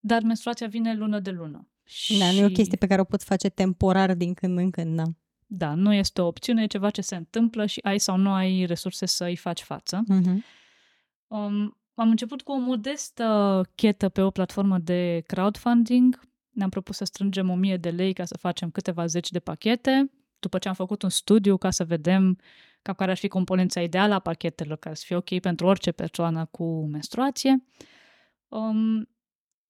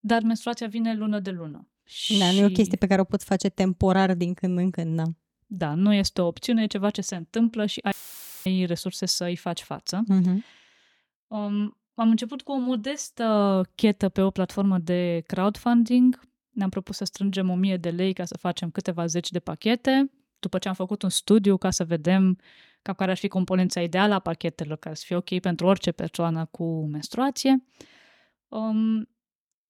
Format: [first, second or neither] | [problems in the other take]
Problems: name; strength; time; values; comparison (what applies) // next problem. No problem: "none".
first | audio cutting out; filled with static; at 8 s for 0.5 s